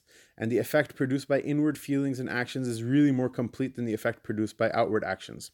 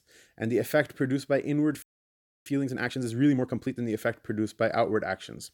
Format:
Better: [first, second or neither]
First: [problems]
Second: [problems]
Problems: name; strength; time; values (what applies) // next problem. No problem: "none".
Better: first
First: none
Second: audio freezing; at 2 s for 0.5 s